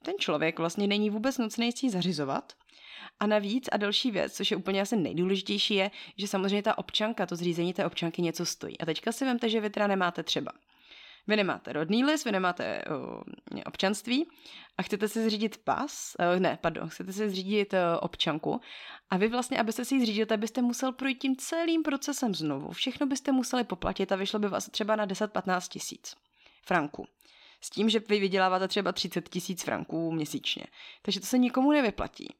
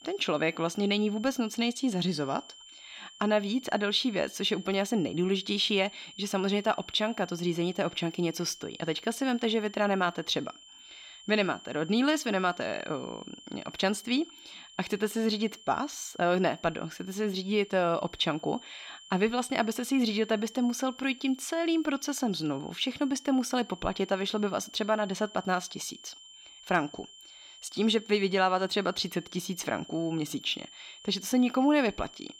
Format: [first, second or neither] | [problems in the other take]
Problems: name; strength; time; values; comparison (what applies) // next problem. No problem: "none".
first | high-pitched whine; noticeable; throughout; 3 kHz, 20 dB below the speech